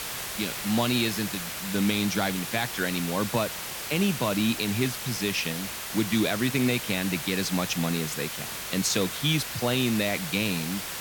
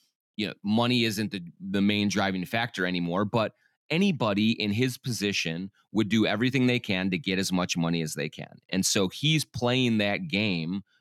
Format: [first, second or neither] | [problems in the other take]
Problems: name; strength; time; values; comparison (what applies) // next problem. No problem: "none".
second | hiss; loud; throughout; 5 dB below the speech